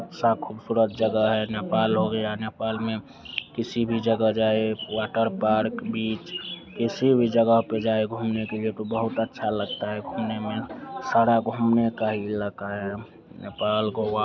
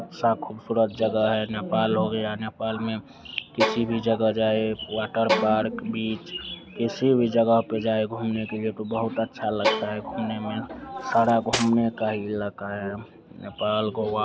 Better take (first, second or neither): first